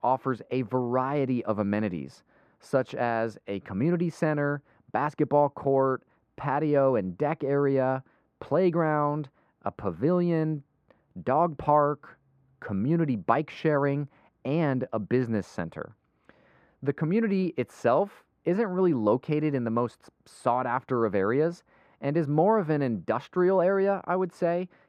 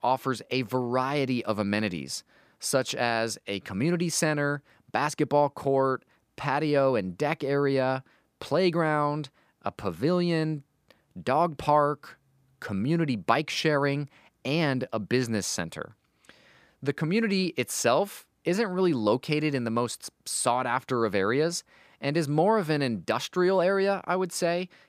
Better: second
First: muffled; very; fading above 3 kHz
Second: none

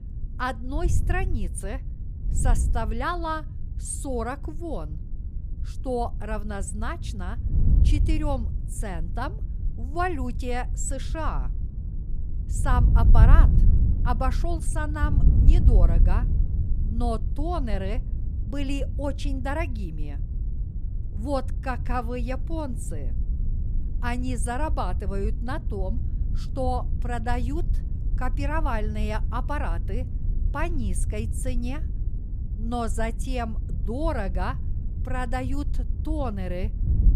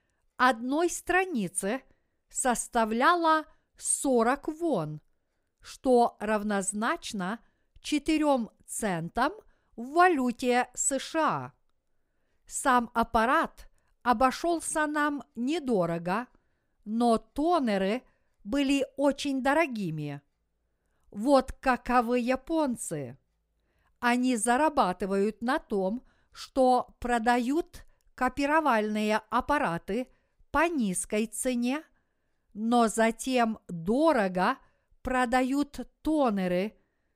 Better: second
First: wind noise on the microphone; occasional gusts; 15 dB below the speech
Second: none

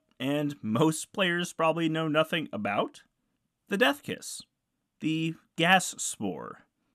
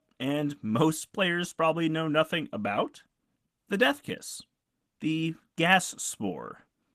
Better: first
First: none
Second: garbled, watery; slightly; nothing above 14 kHz

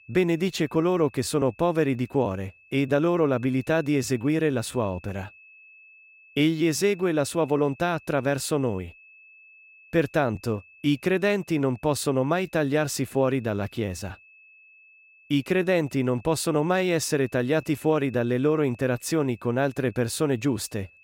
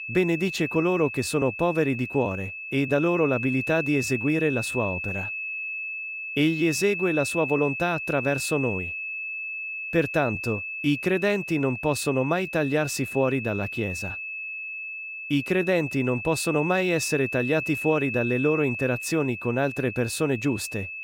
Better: first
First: high-pitched whine; faint; throughout; 2.5 kHz, 25 dB below the speech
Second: high-pitched whine; loud; throughout; 2.5 kHz, 6 dB below the speech

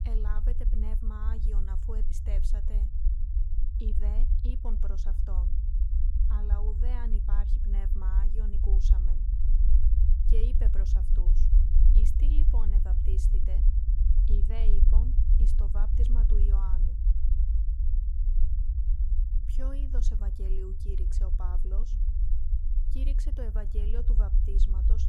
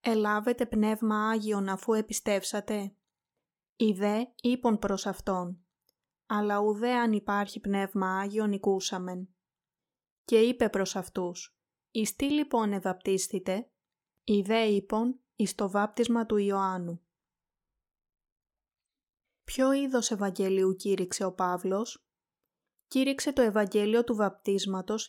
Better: second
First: low rumble; loud; throughout; 2 dB below the speech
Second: none

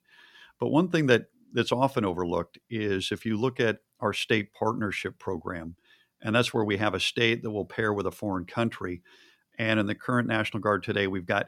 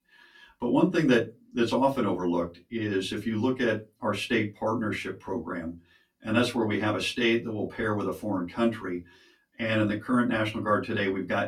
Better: first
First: none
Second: off-mic speech; far // room echo; very slight; dies away in 0.2 s

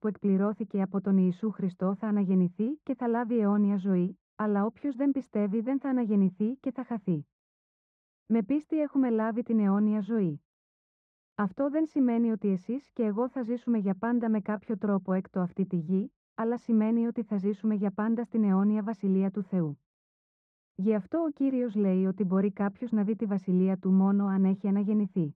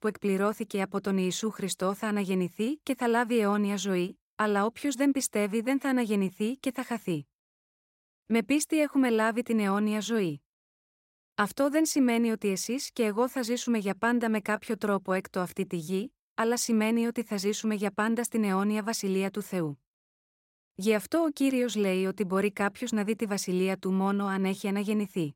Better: second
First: muffled; very; fading above 1 kHz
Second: none

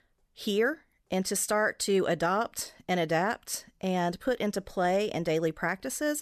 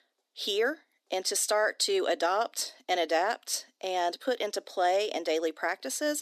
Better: first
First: none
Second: thin; somewhat; fading below 250 Hz

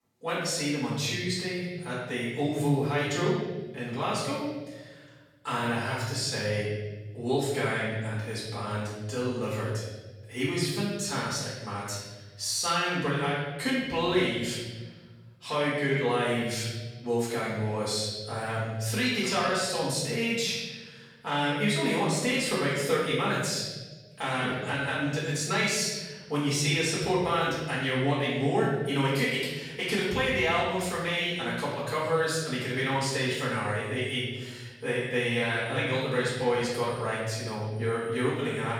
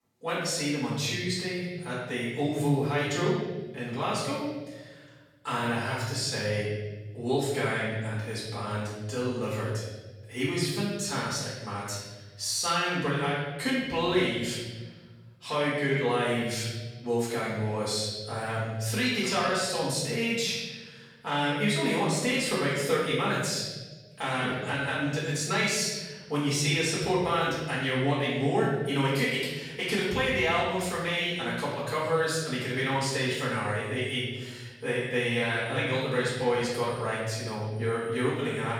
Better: neither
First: room echo; noticeable; dies away in 1.2 s // off-mic speech; far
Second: room echo; noticeable; dies away in 1.2 s // off-mic speech; far

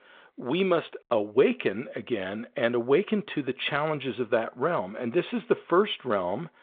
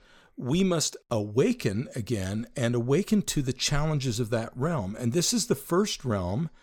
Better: second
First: phone-call audio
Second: none

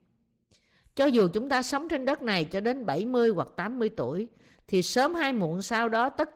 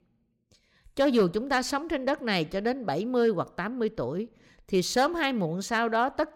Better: second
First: garbled, watery; slightly; nothing above 16.5 kHz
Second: none

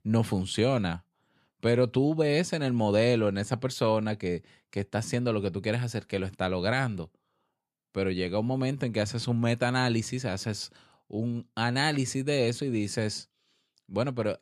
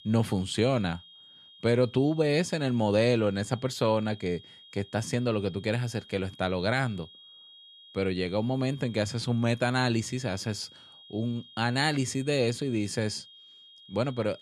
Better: first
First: none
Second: high-pitched whine; faint; throughout; 3 kHz, 20 dB below the speech

